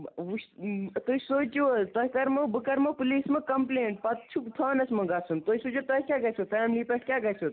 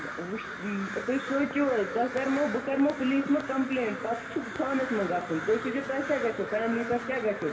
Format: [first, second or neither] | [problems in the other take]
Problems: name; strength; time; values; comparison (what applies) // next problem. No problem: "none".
first | background sound (Crow); 10 dB below the speech // room echo; dies away in 2 s